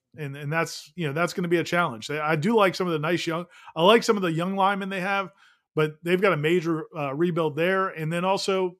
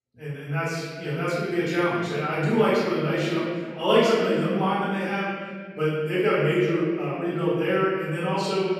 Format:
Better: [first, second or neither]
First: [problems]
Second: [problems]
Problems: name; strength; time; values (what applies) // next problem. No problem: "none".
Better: first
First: none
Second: room echo; strong; dies away in 1.9 s // off-mic speech; far